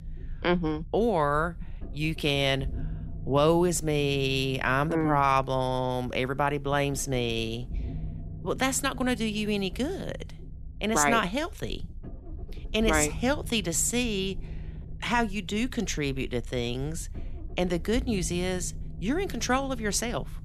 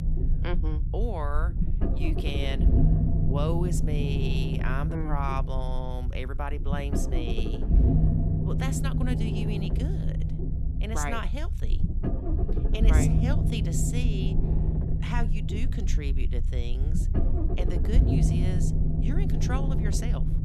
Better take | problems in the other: first | low rumble; loud; throughout; 2 dB below the speech; faint in the first

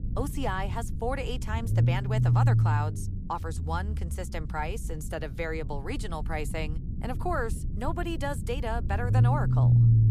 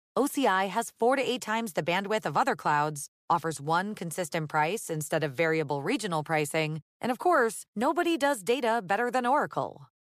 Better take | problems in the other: second | low rumble; loud; throughout; 7 dB below the speech

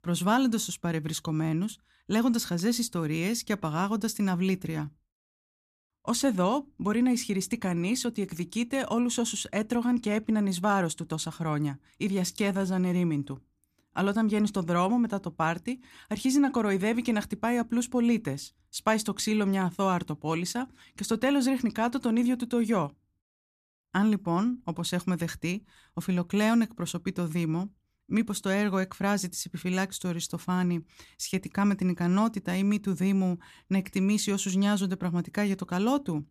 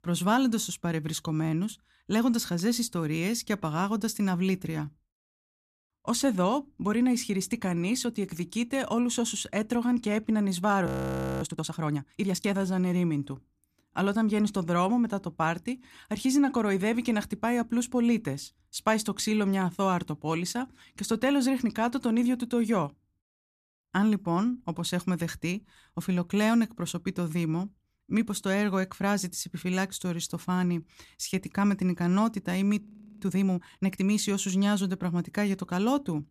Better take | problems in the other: first | audio freezing; at 11 s for 0.5 s and at 33 s

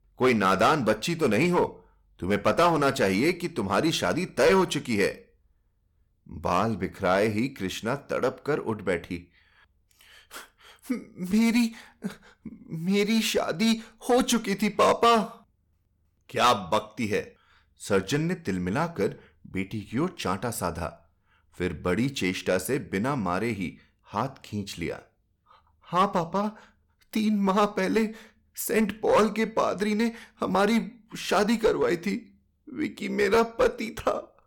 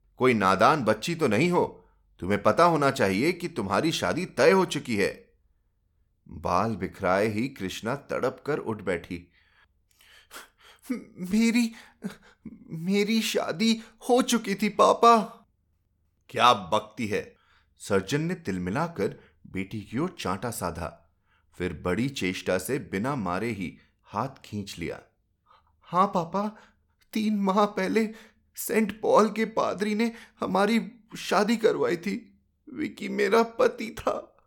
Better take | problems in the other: second | distortion; slight; 3% of the sound clipped

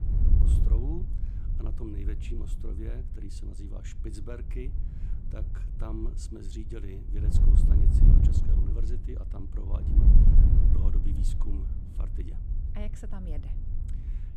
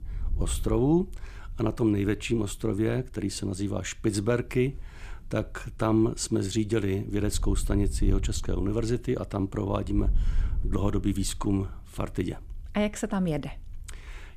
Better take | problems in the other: second | wind noise on the microphone; heavy; 2 dB above the speech; occasional gusts in the second

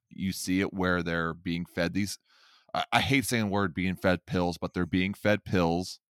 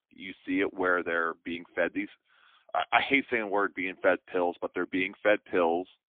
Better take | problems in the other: first | phone-call audio; poor line; nothing above 3.5 kHz

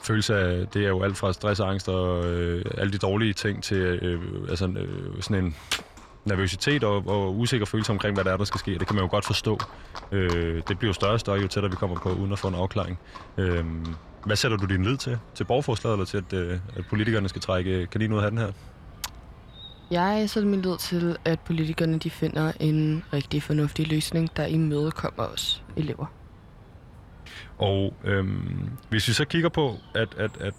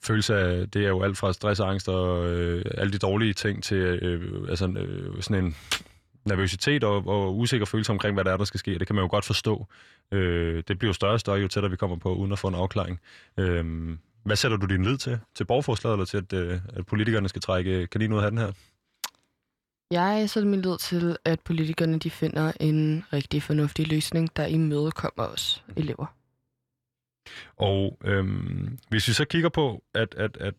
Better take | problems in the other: second | animal sounds; noticeable; throughout; 20 dB below the speech

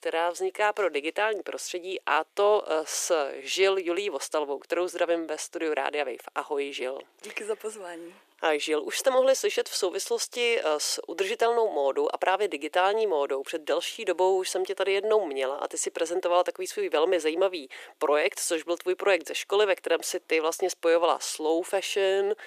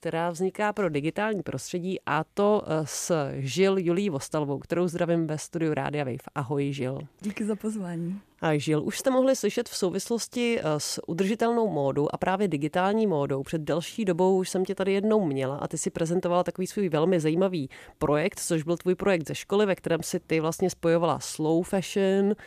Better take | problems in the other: second | thin; very; fading below 400 Hz

